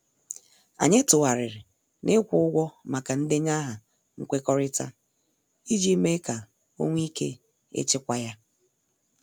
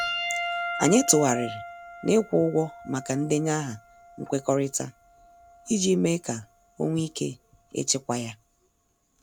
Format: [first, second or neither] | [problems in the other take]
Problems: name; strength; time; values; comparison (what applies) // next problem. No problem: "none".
first | background sound (Piano); 11 dB below the speech